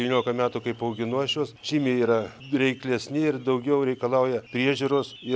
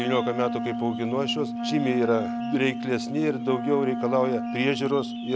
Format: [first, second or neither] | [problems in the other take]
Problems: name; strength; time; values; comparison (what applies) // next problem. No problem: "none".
first | background sound (Wind instrument, woodwind instrument); 4 dB below the speech